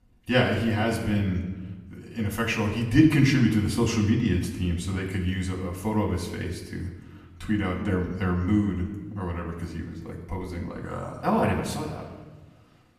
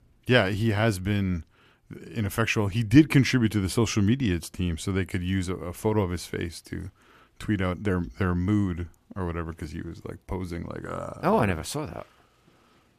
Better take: second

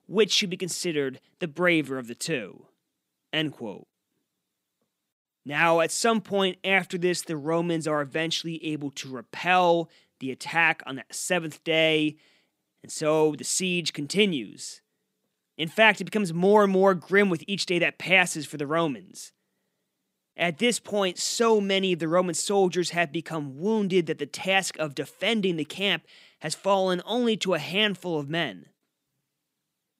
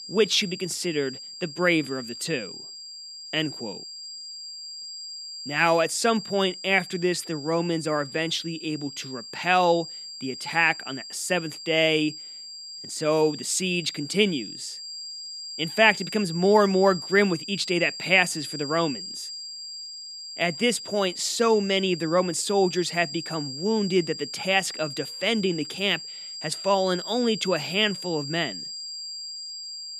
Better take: first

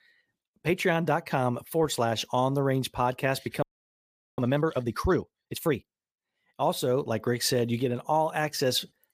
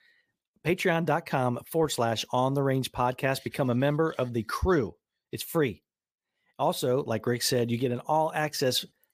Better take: second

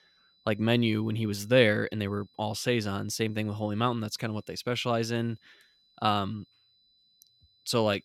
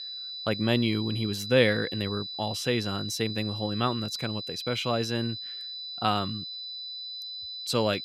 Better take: first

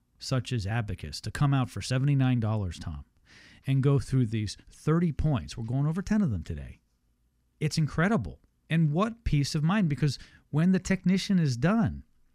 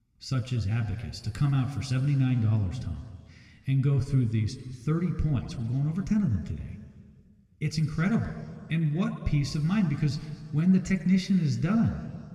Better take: first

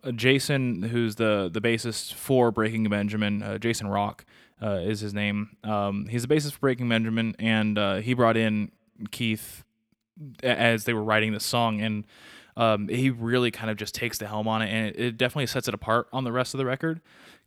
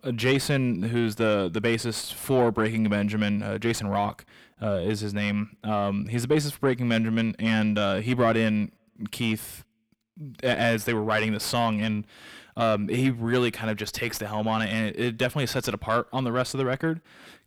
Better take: first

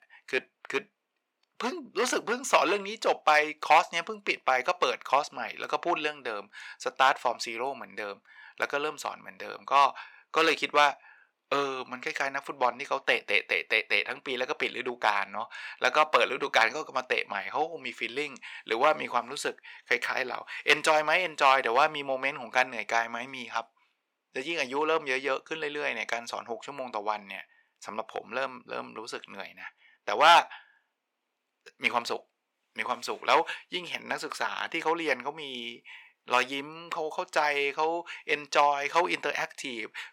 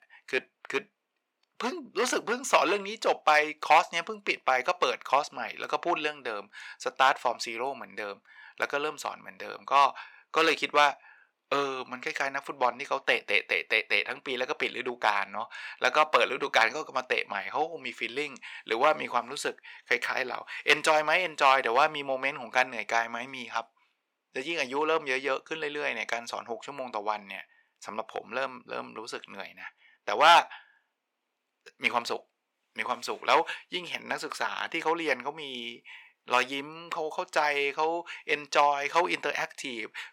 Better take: neither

